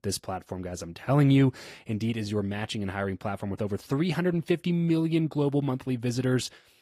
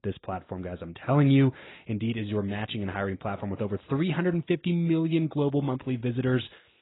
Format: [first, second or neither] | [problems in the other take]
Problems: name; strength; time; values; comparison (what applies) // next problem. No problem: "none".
first | garbled, watery; badly; nothing above 4 kHz; slightly in the first